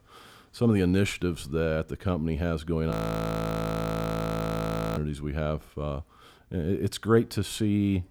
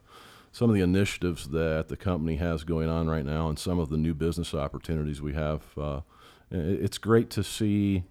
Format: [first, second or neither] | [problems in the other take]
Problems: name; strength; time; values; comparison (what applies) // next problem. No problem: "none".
second | audio freezing; at 3 s for 2 s